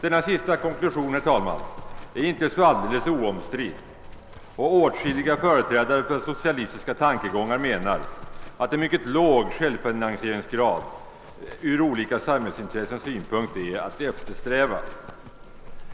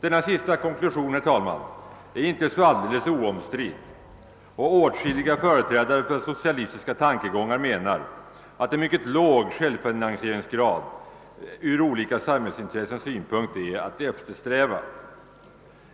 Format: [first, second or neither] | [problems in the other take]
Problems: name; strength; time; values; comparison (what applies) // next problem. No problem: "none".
second | background sound (Livestock, farm animals, working animals); 14 dB below the speech